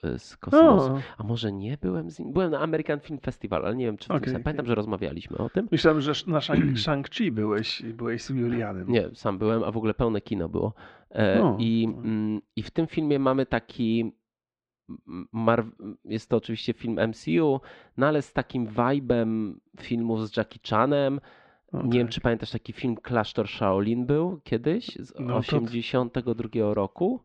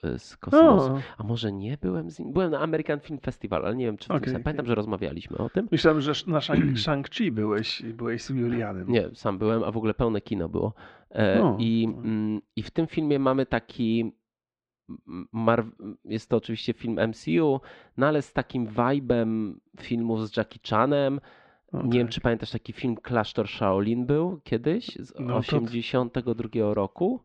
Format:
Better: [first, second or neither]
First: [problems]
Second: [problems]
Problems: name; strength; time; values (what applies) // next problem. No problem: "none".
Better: neither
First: muffled; slightly; fading above 4 kHz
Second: muffled; slightly; fading above 4 kHz